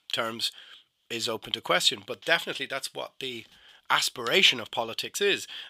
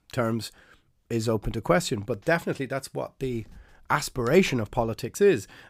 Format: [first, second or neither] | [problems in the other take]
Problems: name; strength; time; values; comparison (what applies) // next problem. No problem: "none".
second | thin; somewhat; fading below 1 kHz